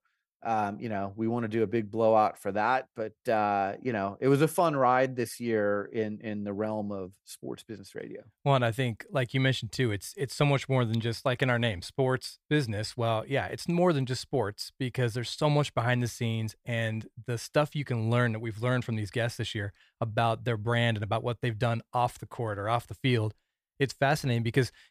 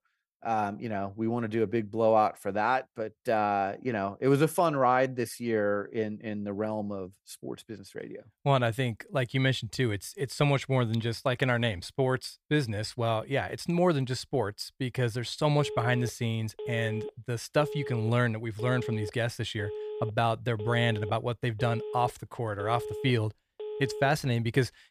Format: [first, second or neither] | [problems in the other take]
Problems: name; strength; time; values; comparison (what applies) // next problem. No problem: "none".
first | phone ringing; noticeable; from 16 to 24 s; peak 8 dB below the speech